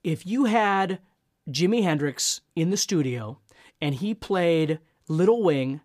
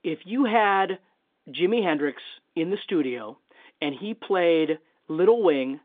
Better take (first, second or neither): first